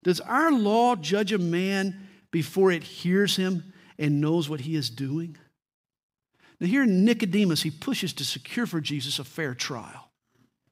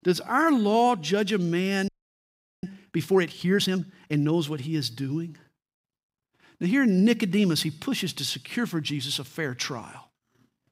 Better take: first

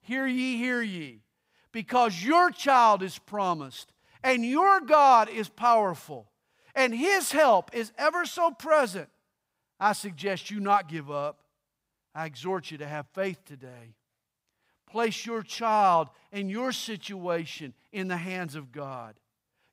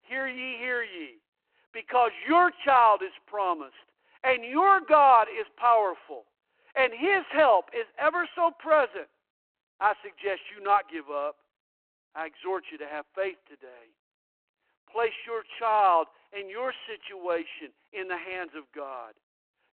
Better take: first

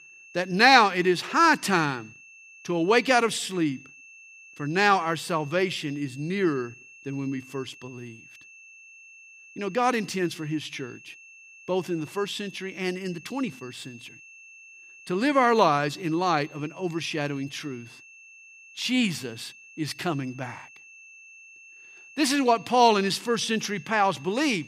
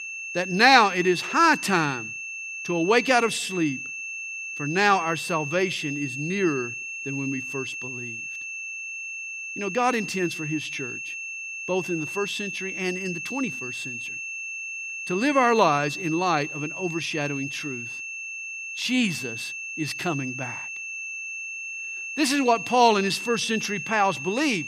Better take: first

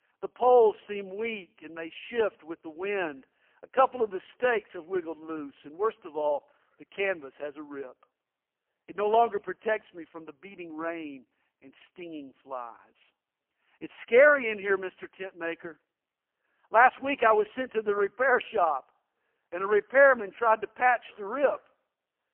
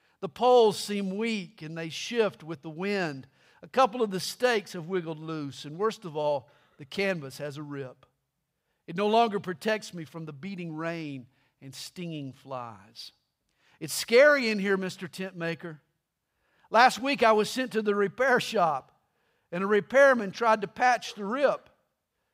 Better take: second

